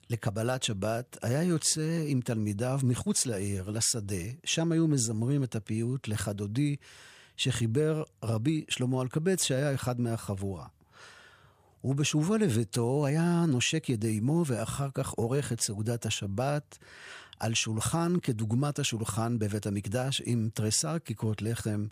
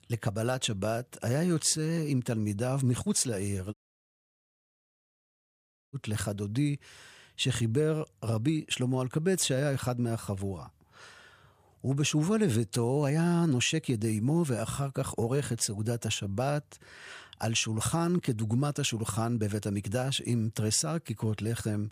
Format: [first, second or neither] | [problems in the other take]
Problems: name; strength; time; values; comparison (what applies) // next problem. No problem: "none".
first | audio cutting out; at 3.5 s for 2 s